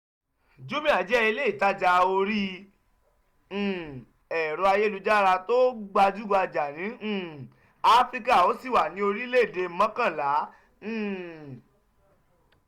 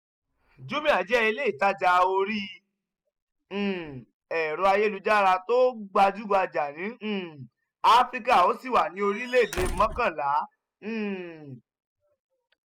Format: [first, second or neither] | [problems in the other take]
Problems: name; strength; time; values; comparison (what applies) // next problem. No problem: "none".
first | noise reduction (classical method spectral subtraction)